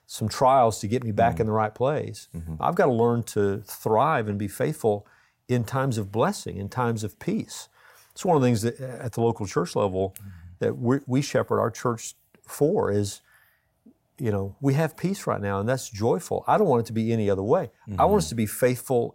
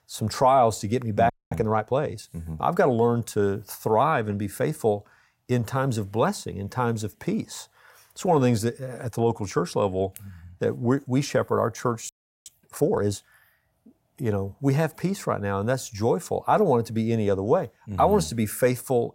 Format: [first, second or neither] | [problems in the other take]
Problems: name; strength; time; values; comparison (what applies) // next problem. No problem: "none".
first | audio freezing; at 1.5 s and at 12 s